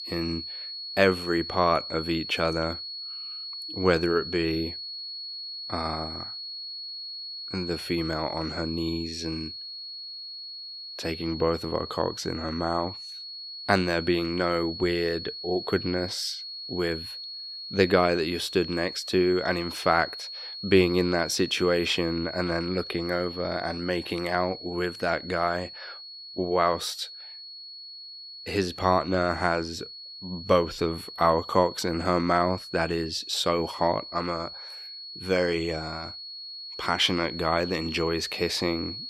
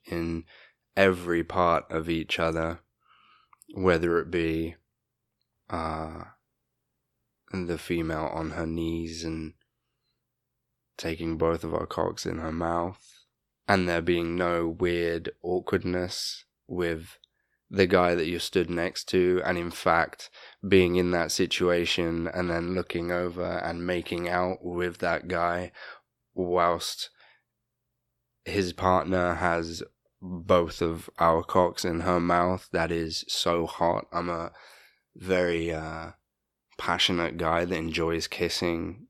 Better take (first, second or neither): second